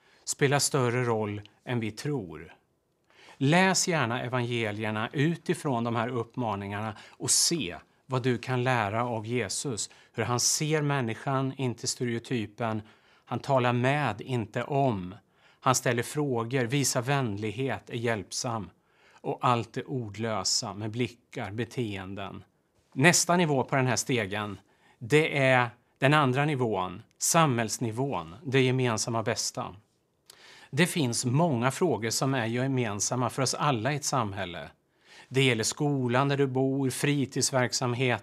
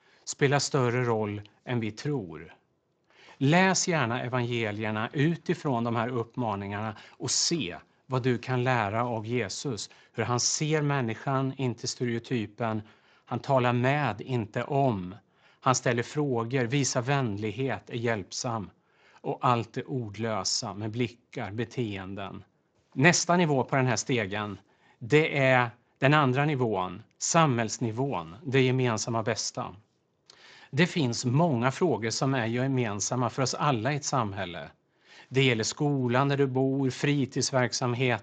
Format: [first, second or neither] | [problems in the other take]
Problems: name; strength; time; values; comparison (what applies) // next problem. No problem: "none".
first | garbled, watery; slightly; nothing above 7.5 kHz